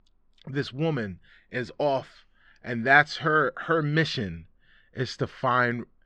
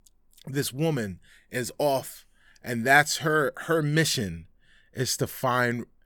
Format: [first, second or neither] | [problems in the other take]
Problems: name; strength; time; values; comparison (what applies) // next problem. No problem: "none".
second | muffled; slightly; fading above 4 kHz